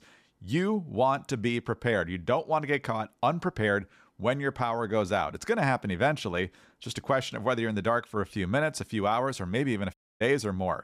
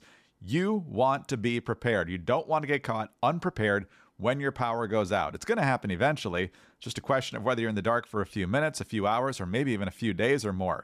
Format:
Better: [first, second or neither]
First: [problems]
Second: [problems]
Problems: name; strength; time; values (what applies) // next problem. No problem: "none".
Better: second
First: audio cutting out; at 10 s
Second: none